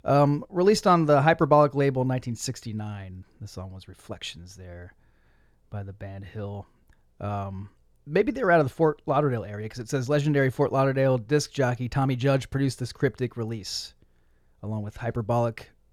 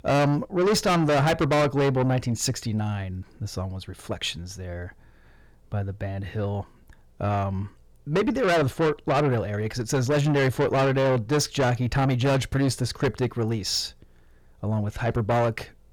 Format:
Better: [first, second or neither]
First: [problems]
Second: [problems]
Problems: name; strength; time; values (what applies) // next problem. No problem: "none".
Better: first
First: none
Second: distortion; heavy; 6 dB below the speech